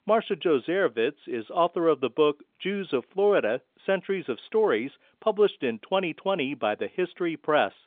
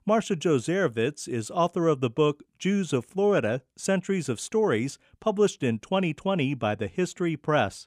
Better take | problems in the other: second | phone-call audio; nothing above 3.5 kHz

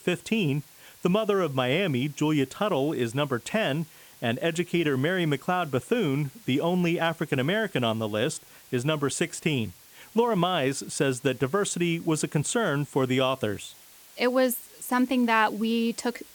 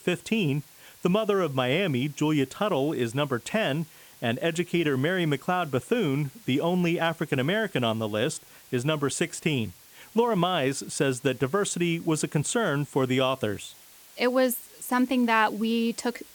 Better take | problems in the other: neither | hiss; faint; throughout; 25 dB below the speech; the same in both

